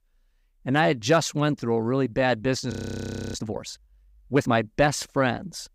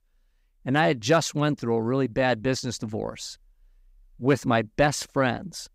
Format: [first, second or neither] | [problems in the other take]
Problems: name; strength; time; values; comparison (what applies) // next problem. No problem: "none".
second | audio freezing; at 2.5 s for 0.5 s